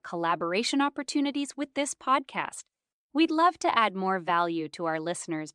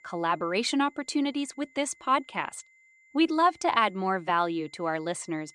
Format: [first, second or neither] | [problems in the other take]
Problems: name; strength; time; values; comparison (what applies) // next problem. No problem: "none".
first | high-pitched whine; faint; throughout; 2 kHz, 30 dB below the speech